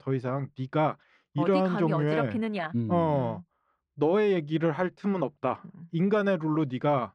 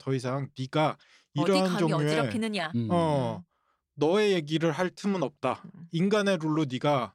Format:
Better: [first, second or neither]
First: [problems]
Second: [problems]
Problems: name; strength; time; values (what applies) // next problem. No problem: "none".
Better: second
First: muffled; slightly; fading above 3.5 kHz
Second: none